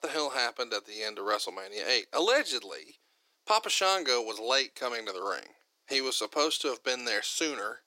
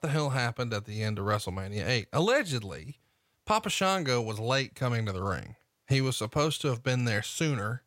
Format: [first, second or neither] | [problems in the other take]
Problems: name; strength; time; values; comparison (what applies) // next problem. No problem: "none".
second | thin; very; fading below 300 Hz